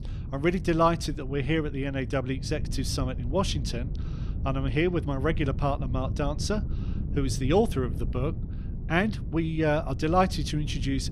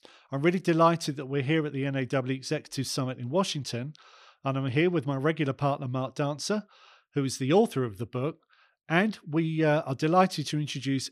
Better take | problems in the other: second | wind noise on the microphone; occasional gusts; 15 dB below the speech

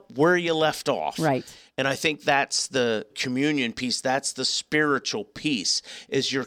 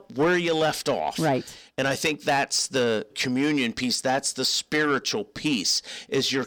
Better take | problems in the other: first | distortion; slight; 10 dB below the speech

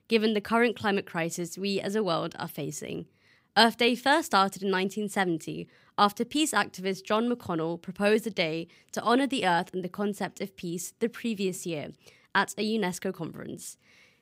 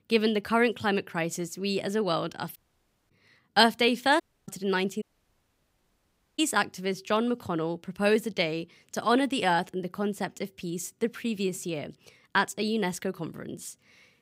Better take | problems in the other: first | audio cutting out; at 2.5 s for 0.5 s, at 4 s and at 5 s for 1.5 s

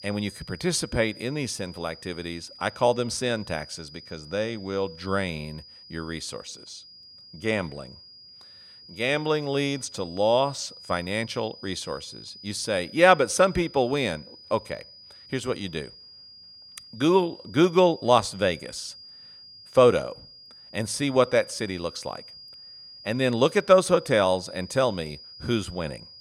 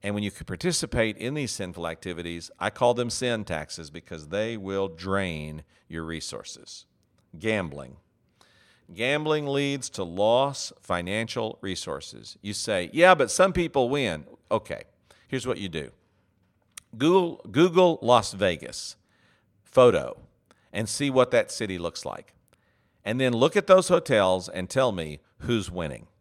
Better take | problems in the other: second | high-pitched whine; noticeable; throughout; 5 kHz, 20 dB below the speech

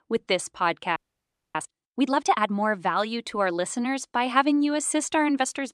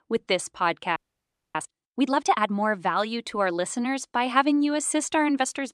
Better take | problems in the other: neither | audio freezing; at 1 s for 0.5 s; the same in both

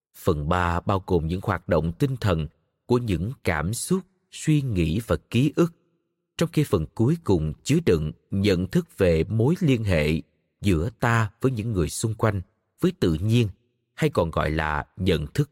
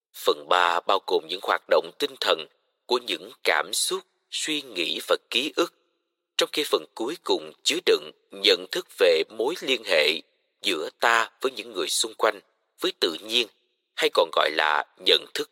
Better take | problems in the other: first | thin; very; fading below 450 Hz

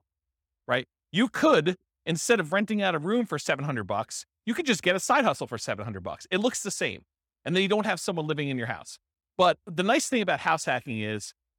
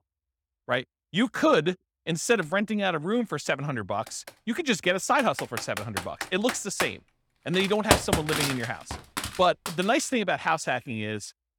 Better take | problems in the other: first | keyboard typing; loud; from 5 to 9.5 s; peak 4 dB above the speech

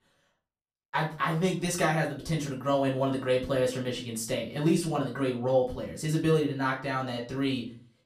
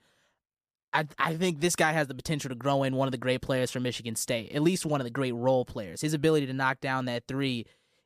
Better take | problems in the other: second | room echo; slight; dies away in 0.3 s // off-mic speech; far

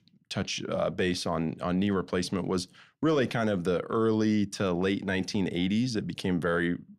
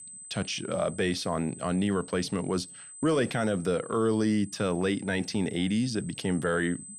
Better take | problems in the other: first | high-pitched whine; noticeable; throughout; 8 kHz, 15 dB below the speech

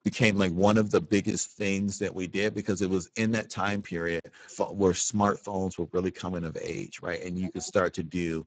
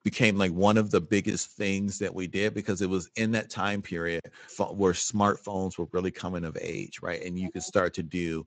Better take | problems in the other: second | garbled, watery; badly; nothing above 7.5 kHz; slightly in the second

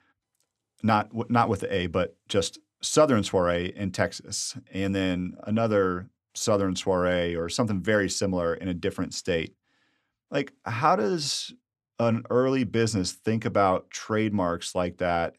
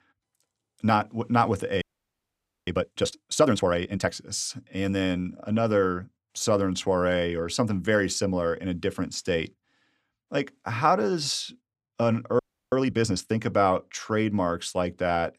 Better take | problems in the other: first | audio freezing; at 2 s for 1 s and at 12 s

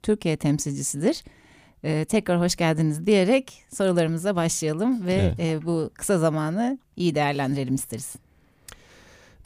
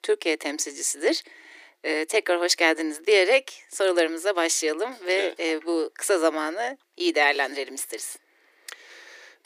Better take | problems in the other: first | thin; very; fading below 300 Hz

